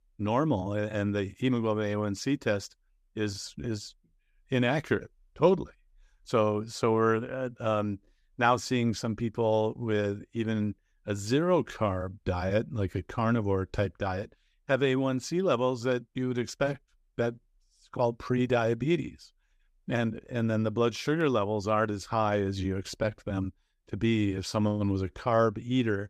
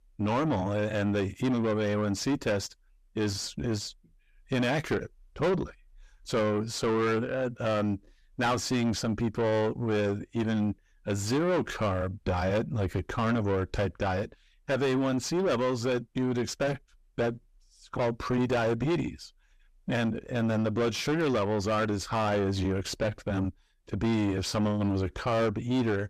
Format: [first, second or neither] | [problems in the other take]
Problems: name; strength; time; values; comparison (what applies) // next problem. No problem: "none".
first | distortion; heavy; 6 dB below the speech